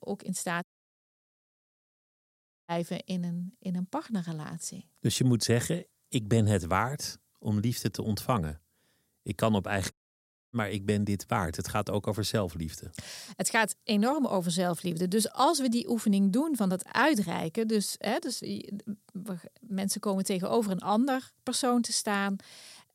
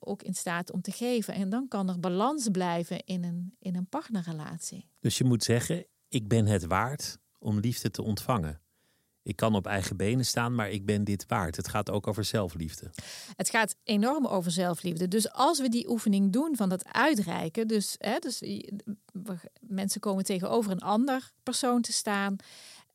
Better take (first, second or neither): second